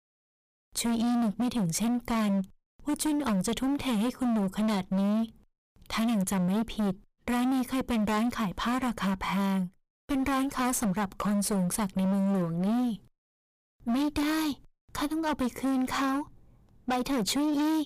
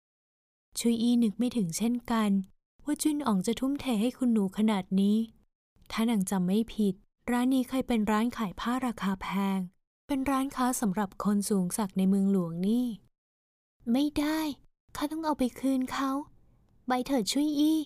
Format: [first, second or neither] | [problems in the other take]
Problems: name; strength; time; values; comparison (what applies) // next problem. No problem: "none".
second | distortion; heavy; 28% of the sound clipped